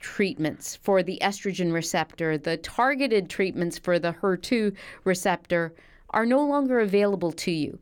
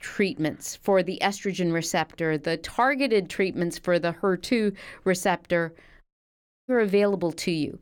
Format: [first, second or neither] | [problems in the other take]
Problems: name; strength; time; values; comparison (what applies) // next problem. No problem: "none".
first | audio cutting out; at 6 s for 0.5 s